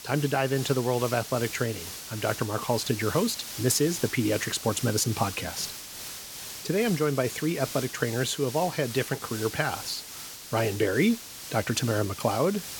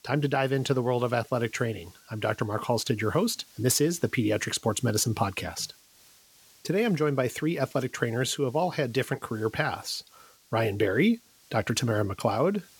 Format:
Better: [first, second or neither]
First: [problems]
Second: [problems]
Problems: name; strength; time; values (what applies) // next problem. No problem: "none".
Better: second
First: hiss; loud; throughout; 9 dB below the speech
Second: hiss; faint; throughout; 25 dB below the speech